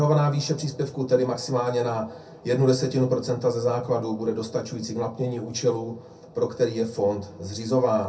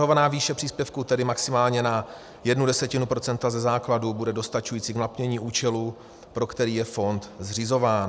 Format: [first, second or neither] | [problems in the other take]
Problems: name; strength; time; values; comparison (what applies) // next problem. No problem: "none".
second | room echo; dies away in 0.3 s